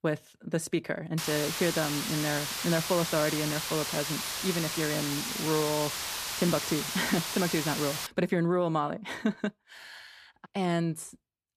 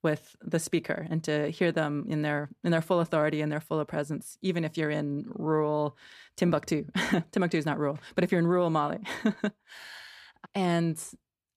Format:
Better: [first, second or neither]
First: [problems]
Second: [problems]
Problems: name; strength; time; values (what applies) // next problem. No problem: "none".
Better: second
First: hiss; loud; from 1 to 8 s; 1 dB below the speech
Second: none